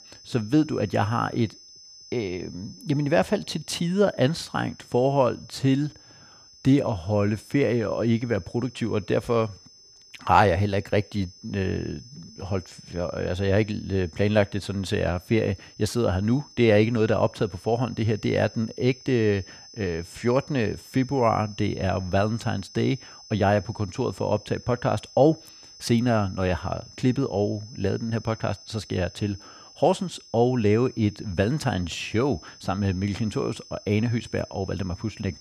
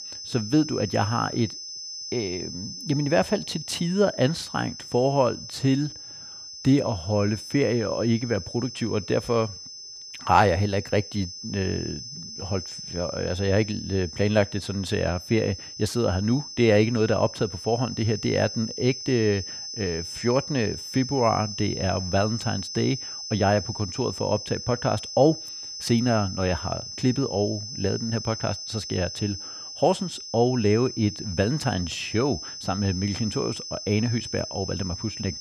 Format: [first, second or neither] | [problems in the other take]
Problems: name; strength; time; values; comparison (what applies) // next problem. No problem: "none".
first | high-pitched whine; loud; throughout; 5 kHz, 9 dB below the speech; faint in the first